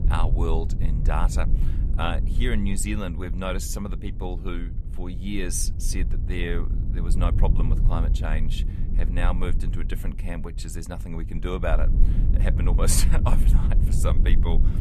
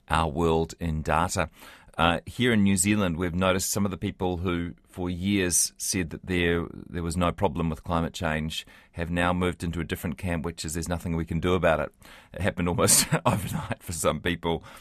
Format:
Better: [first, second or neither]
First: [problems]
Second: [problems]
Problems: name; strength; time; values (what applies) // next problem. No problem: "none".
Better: second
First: low rumble; loud; throughout; 10 dB below the speech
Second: none